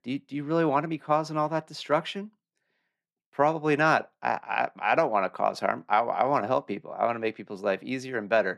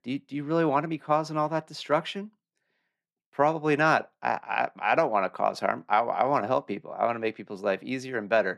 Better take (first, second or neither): neither